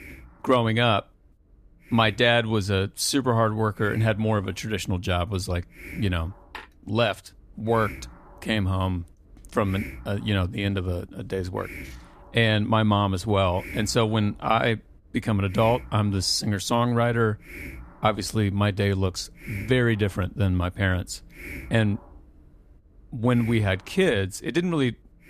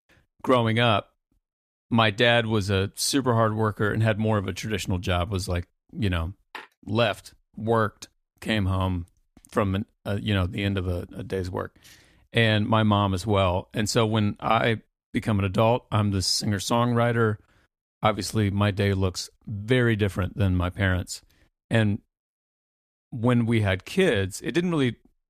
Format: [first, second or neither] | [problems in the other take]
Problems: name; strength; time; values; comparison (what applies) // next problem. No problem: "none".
second | hiss; noticeable; throughout; 20 dB below the speech